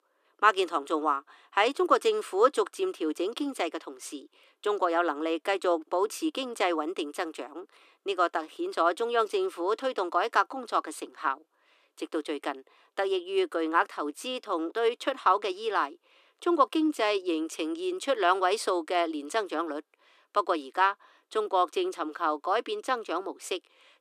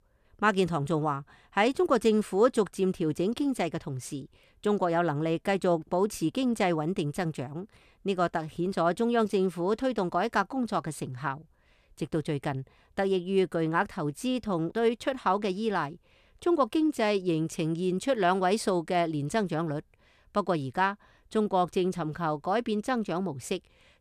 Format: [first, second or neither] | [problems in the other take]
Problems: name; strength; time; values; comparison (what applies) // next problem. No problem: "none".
second | thin; very; fading below 300 Hz